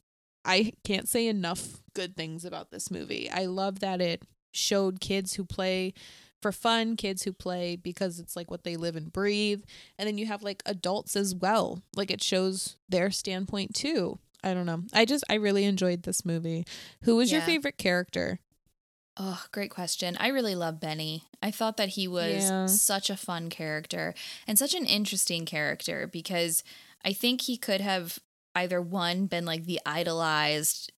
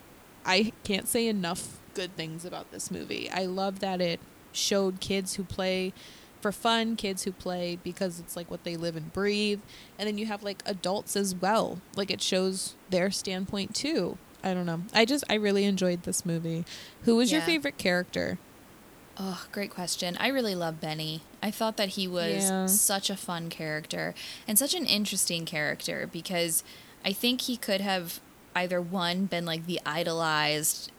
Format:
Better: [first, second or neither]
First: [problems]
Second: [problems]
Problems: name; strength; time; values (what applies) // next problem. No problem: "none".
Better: first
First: none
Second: hiss; faint; throughout; 25 dB below the speech